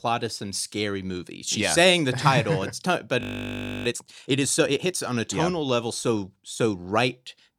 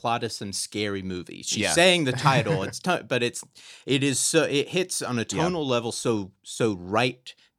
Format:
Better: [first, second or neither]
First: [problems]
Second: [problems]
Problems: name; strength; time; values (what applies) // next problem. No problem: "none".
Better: second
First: audio freezing; at 3 s for 0.5 s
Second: none